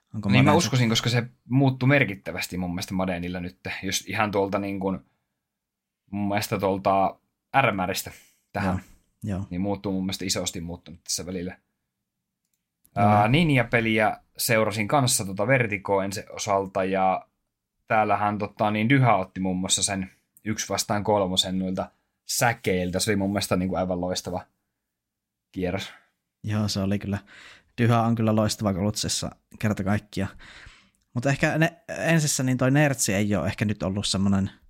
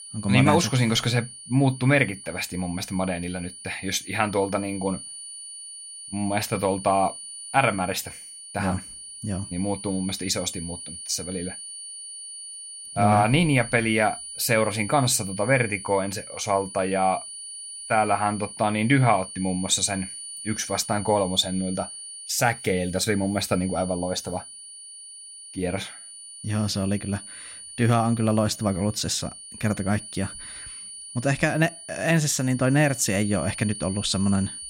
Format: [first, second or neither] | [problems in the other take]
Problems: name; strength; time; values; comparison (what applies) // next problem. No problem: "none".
first | high-pitched whine; noticeable; throughout; 9.5 kHz, 10 dB below the speech